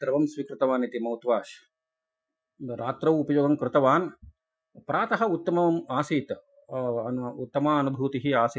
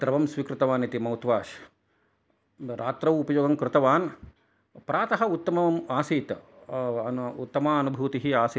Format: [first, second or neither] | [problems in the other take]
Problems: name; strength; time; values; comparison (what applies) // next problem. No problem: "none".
second | noise reduction (classical method Wiener filter)